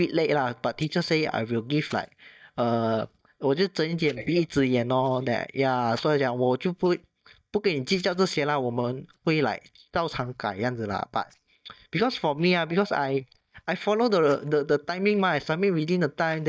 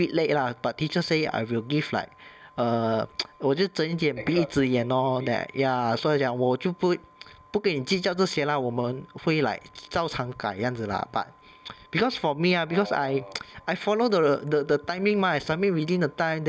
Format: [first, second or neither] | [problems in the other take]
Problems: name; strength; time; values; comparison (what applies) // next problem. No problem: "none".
second | noise reduction (neural mask model DeepFilterNet 3)